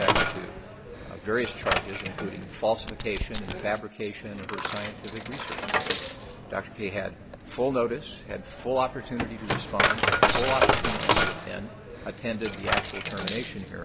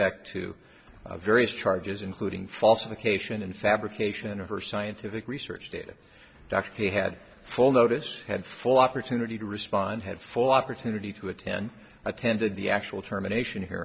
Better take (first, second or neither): second